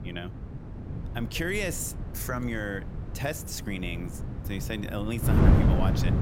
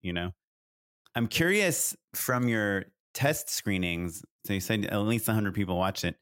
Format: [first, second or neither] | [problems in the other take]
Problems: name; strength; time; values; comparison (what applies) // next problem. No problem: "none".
second | wind noise on the microphone; heavy; 4 dB below the speech